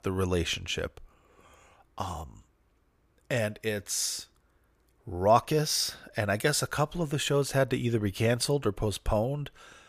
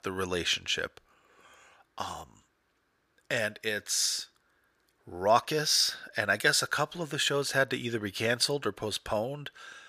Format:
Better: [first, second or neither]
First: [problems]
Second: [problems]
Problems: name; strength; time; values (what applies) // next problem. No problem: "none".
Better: first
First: none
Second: thin; very slightly; fading below 550 Hz